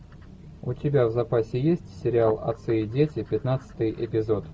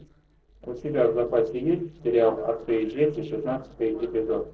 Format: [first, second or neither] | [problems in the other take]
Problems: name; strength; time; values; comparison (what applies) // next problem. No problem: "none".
first | noise reduction (neural separator model SepFormer DNS4)